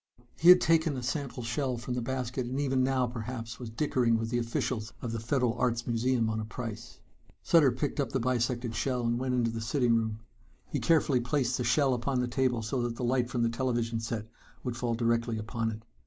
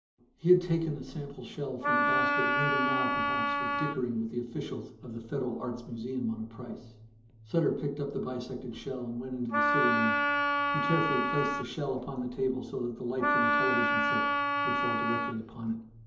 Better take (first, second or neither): first